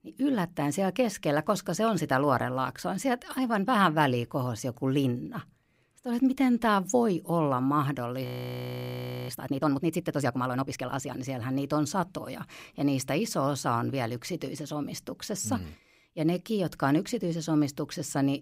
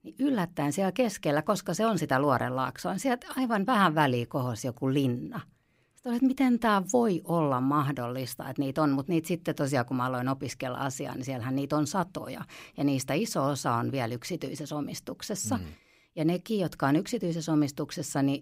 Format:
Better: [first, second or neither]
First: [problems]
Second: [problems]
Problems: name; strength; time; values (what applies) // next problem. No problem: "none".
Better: second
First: audio freezing; at 8.5 s for 1 s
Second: none